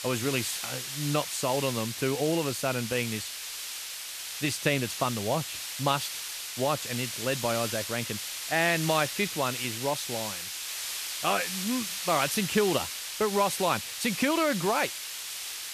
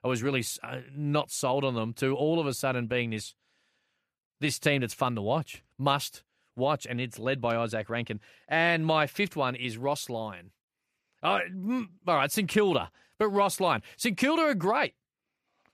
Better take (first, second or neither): second